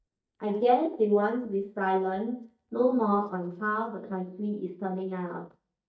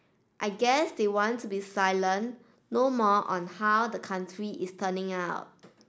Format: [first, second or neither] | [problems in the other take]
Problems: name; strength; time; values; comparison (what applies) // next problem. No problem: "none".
second | noise reduction (neural mask model DeepFilterNet 3)